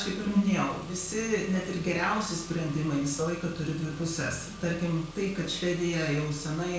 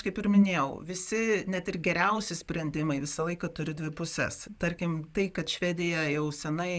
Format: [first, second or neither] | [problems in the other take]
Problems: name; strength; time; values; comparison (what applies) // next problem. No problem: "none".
second | background sound (Engine / Car); 15 dB below the speech // room echo; dies away in 0.5 s